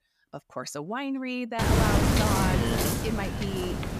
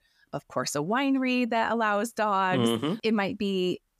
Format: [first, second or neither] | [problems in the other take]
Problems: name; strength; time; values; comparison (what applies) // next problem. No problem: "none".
second | wind noise on the microphone; heavy; from 1.5 s on; 3 dB above the speech